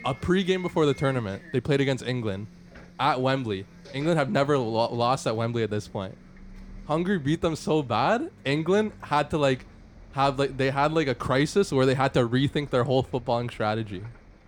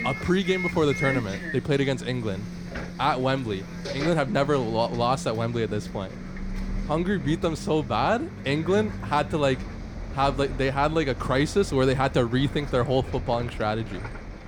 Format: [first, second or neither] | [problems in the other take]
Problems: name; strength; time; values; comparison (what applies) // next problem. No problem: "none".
first | traffic noise; loud; throughout; 9 dB below the speech; faint in the first